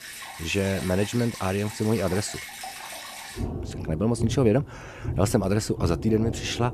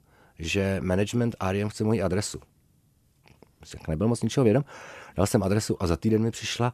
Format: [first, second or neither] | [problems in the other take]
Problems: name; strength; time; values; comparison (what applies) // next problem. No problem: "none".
second | rain or running water; loud; throughout; 9 dB below the speech